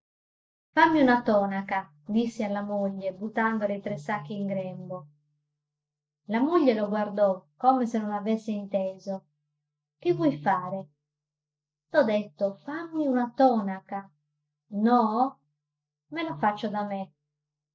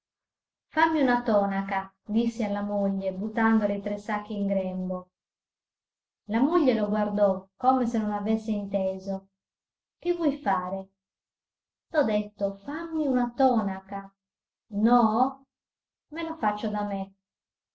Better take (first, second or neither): second